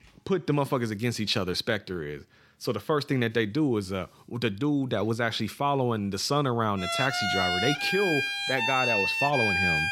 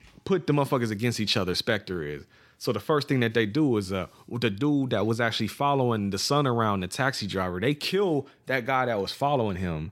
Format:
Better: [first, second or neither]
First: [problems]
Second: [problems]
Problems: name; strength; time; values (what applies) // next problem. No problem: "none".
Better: second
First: background music; very loud; throughout; 2 dB above the speech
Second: none